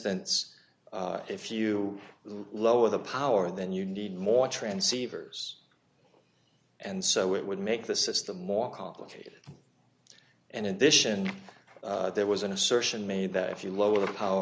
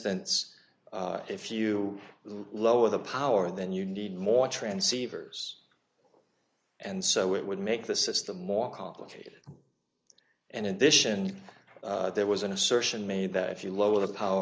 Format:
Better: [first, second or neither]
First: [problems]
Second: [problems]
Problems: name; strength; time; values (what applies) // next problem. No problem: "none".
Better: first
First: none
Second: noise reduction (neural mask model Resemble Enhance denoiser)